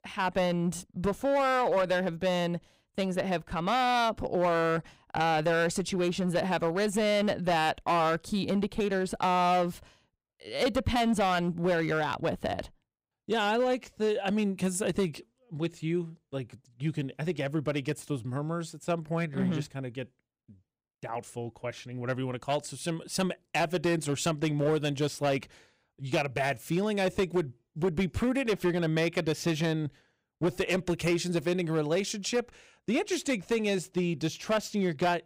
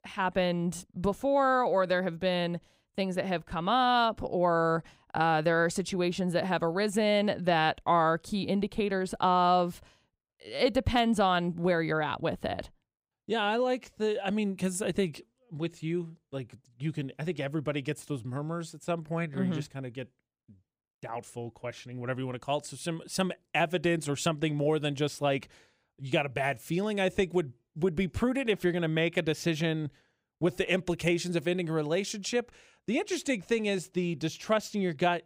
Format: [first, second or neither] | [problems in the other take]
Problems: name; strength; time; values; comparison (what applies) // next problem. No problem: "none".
second | distortion; slight; 6% of the sound clipped